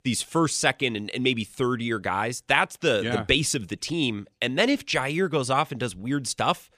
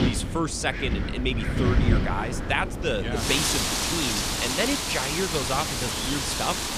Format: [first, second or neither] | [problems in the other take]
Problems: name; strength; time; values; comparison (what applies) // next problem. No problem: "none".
first | wind in the background; very loud; throughout; 2 dB above the speech